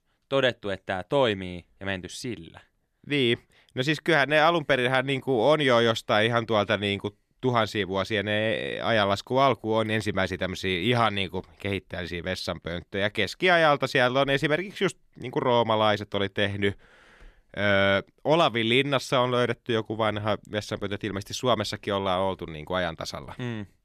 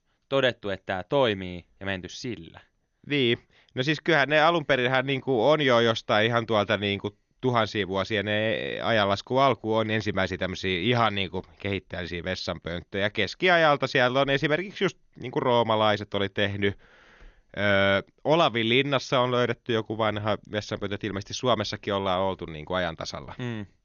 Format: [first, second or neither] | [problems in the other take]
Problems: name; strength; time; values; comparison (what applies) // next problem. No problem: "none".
first | garbled, watery; slightly; nothing above 6.5 kHz